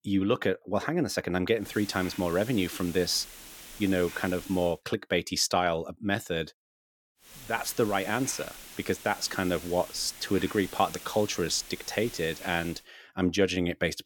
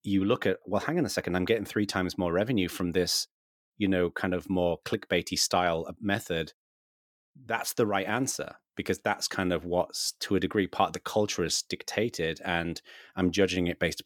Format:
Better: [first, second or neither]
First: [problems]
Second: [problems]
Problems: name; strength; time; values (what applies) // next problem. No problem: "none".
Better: second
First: hiss; noticeable; from 1.5 to 4.5 s and from 7.5 to 13 s; 15 dB below the speech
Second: none